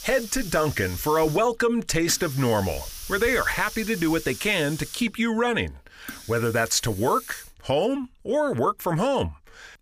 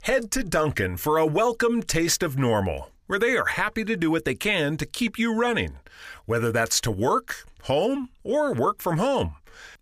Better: second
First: hiss; noticeable; until 7.5 s; 15 dB below the speech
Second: none

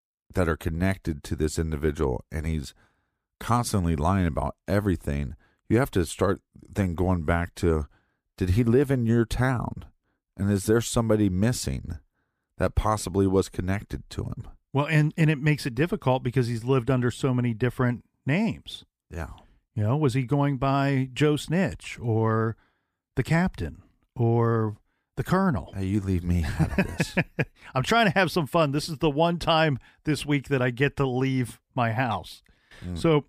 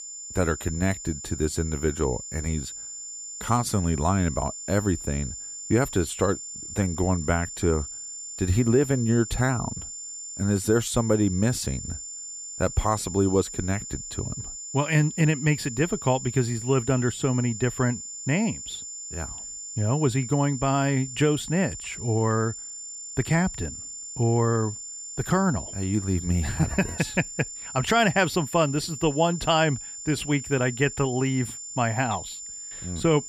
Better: first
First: none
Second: high-pitched whine; loud; throughout; 7 kHz, 9 dB below the speech

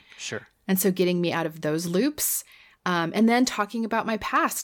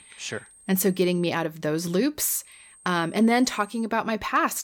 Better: first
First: none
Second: high-pitched whine; faint; until 1.5 s and from 2.5 to 4 s; 8.5 kHz, 25 dB below the speech

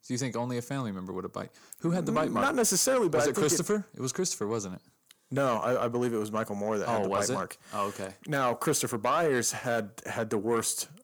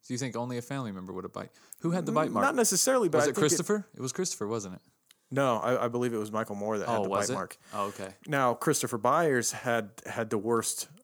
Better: second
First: distortion; slight; 10 dB below the speech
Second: none

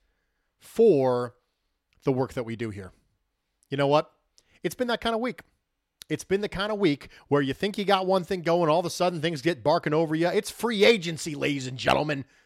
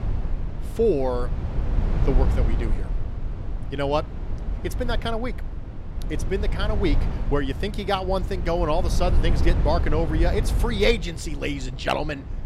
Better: first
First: none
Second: low rumble; noticeable; throughout; 15 dB below the speech

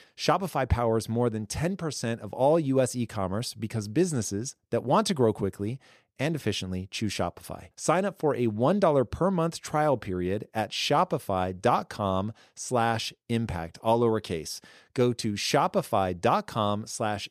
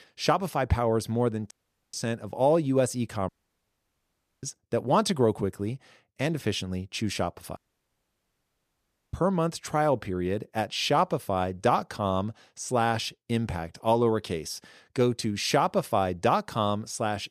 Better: first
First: none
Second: audio cutting out; at 1.5 s, at 3.5 s for 1 s and at 7.5 s for 1.5 s

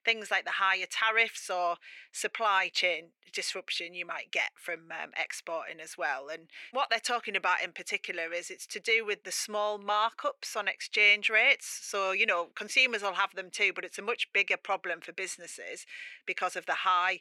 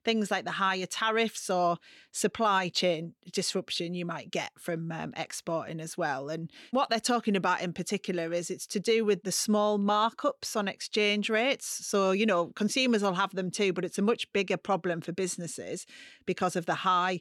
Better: second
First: thin; very; fading below 600 Hz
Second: none

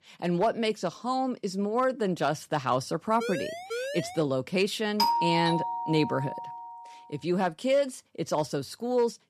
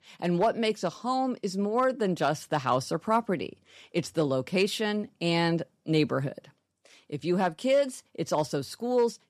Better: second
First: siren; noticeable; from 3 to 4 s; peak 5 dB below the speech // doorbell; loud; from 5 to 6.5 s; peak 4 dB above the speech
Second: none

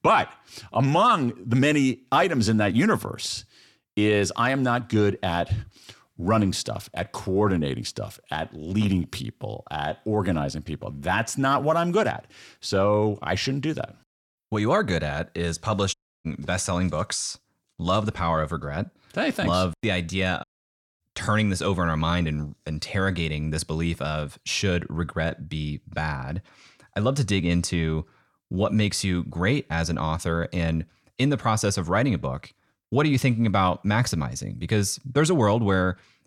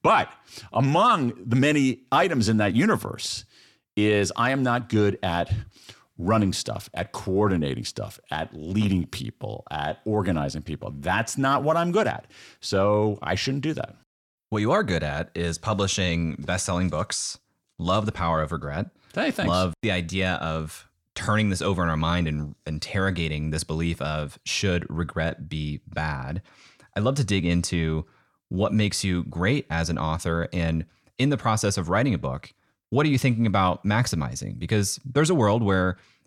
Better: second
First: audio cutting out; at 16 s and at 20 s for 0.5 s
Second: none

